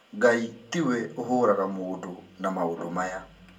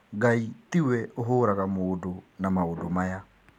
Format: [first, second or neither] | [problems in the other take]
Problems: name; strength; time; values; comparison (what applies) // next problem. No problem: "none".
second | room echo; dies away in 0.2 s